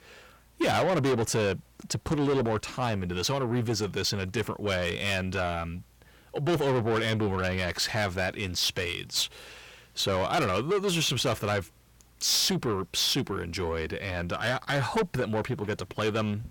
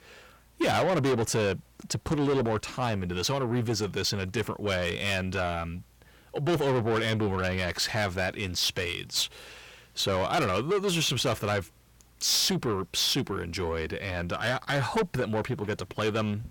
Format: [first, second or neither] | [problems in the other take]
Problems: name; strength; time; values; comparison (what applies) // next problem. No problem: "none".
neither | distortion; heavy; 6 dB below the speech; the same in both